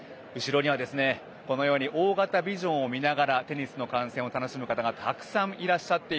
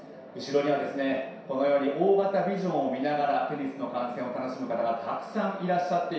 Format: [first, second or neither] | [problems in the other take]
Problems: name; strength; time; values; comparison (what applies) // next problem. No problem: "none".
first | room echo; dies away in 0.7 s